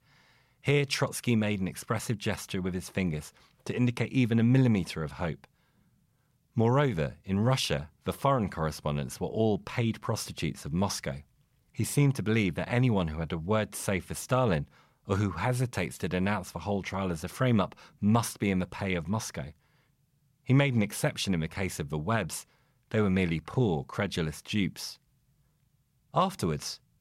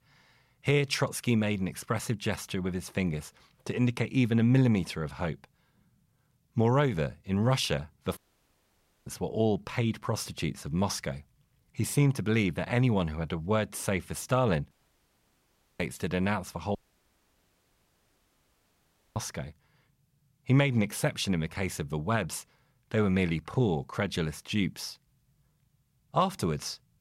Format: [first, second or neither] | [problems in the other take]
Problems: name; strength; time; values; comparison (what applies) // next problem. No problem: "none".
first | audio cutting out; at 8 s for 1 s, at 15 s for 1 s and at 17 s for 2.5 s